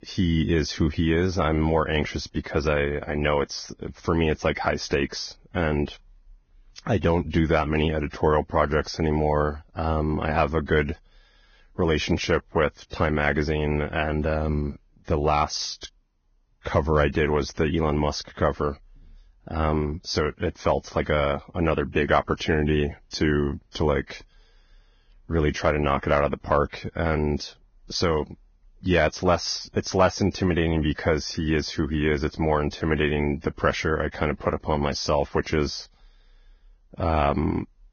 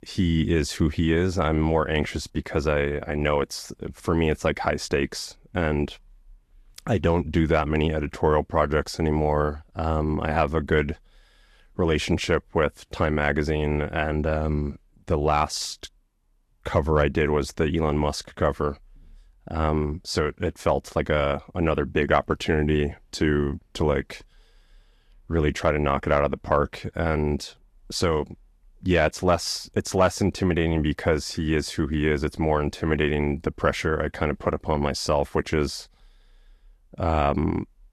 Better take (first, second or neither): second